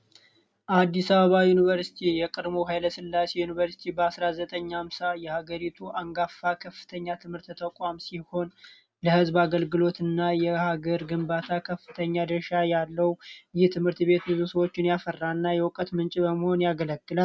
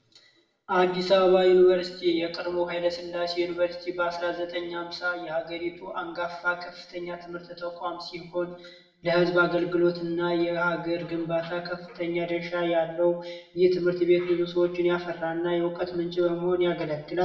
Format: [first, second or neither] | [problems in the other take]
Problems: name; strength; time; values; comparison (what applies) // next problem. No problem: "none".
first | room echo; dies away in 0.8 s